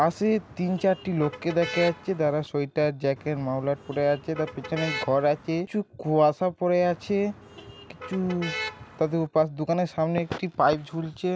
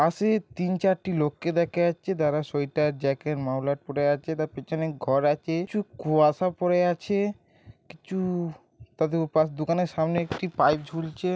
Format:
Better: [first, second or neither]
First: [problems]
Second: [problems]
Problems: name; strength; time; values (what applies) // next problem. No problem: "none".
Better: second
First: background sound (Motor vehicle (road)); 13 dB below the speech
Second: none